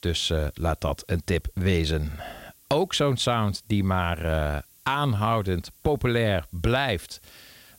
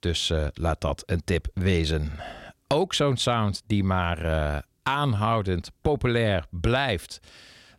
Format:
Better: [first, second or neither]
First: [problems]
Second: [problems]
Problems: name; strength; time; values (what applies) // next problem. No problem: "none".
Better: second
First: hiss; faint; throughout; 25 dB below the speech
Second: none